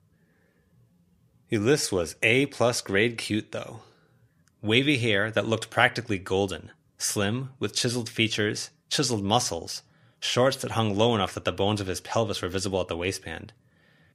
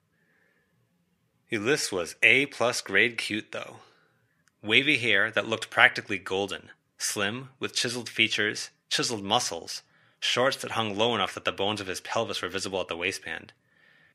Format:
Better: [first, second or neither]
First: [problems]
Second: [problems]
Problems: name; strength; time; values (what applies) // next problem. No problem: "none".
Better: first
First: none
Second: thin; very slightly; fading below 500 Hz